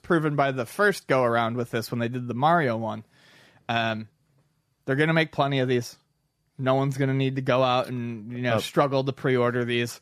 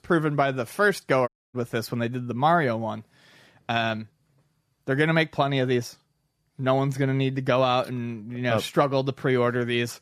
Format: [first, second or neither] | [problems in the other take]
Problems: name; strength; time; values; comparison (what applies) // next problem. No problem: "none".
first | audio cutting out; at 1.5 s